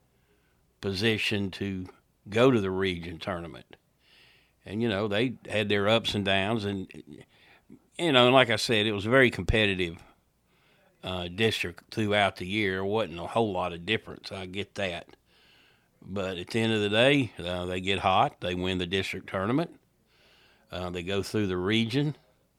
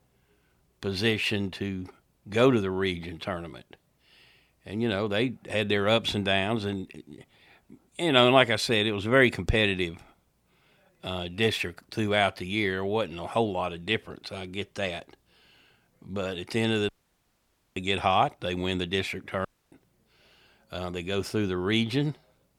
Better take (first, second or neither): first